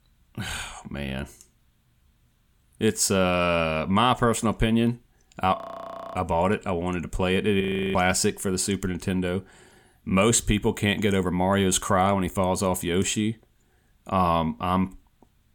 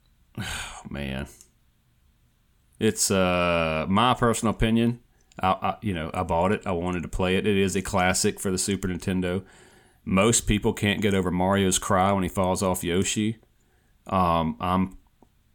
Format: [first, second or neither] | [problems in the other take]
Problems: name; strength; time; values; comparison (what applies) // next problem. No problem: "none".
second | audio freezing; at 5.5 s for 0.5 s and at 7.5 s